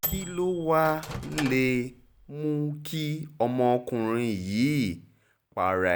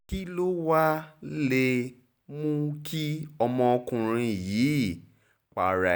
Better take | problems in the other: second | background sound (Microwave oven); 11 dB below the speech

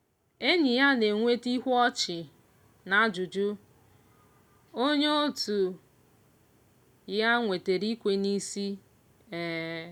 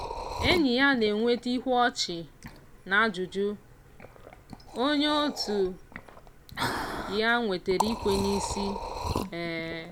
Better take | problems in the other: first | background sound (Liquid); 8 dB below the speech

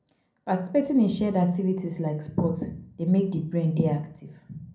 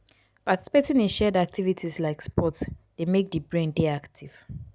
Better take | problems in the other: second | room echo; dies away in 0.5 s

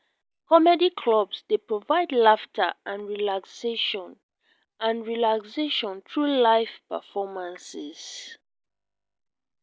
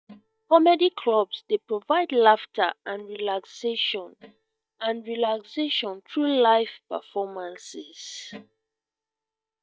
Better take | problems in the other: first | noise reduction (neural mask model DeepFilterNet 3)

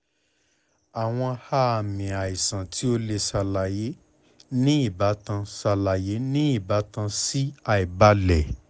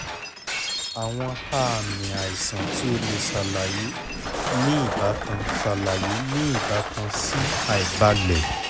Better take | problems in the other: first | background sound (Shatter); 2 dB below the speech

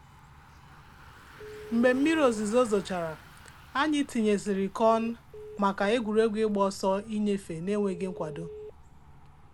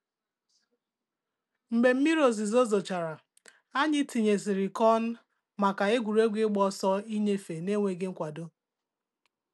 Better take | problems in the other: second | background sound (Telephone + Bicycle); 17 dB below the speech

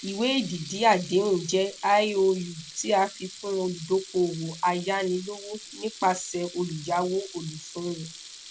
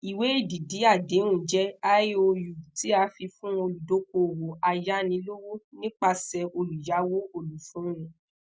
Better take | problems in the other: second | background sound (Sink (filling or washing) / Water tap, faucet); 16 dB below the speech

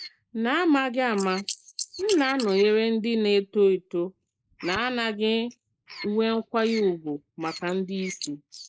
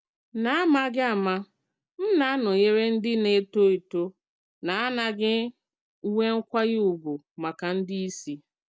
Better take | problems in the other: second | noise reduction (neural mask model Resemble Enhance denoiser)

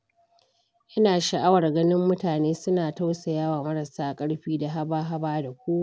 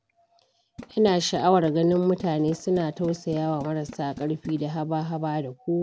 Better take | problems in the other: first | background sound (Tools); 19 dB below the speech

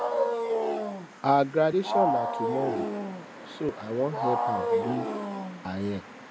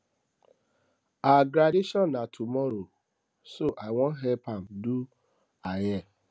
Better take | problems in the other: second | background sound (Wild animals); as loud as the speech

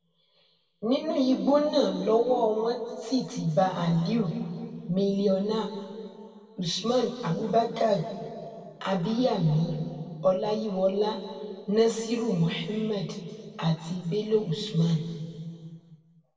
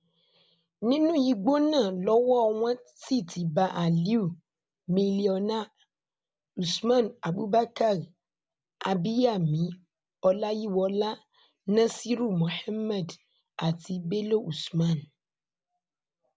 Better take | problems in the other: second | room echo; dies away in 2.1 s

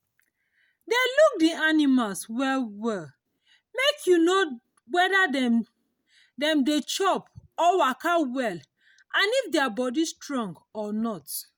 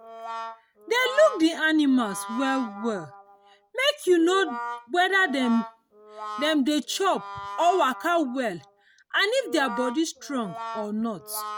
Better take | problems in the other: first | background sound (Brass instrument); 13 dB below the speech

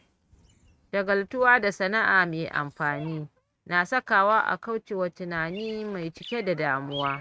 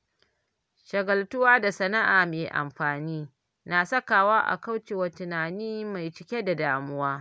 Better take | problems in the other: second | noise reduction (neural mask model RNNoise)

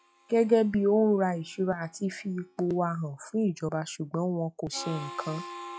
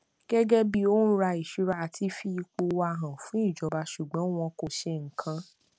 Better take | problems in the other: second | noise reduction (classical method log-MMSE)

